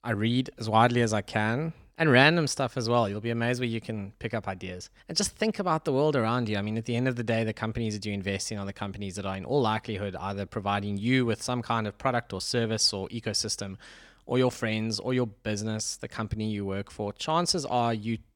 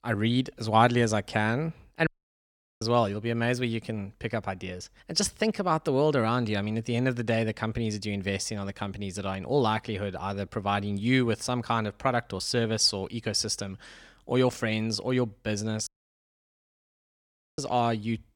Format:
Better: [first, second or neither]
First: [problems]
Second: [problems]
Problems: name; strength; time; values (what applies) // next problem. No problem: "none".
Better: first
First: none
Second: audio cutting out; at 2 s for 0.5 s and at 16 s for 1.5 s